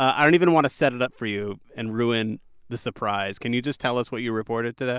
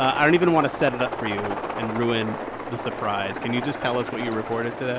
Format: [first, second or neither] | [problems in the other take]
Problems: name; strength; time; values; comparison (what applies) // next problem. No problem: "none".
first | background sound (Aircraft); 7 dB below the speech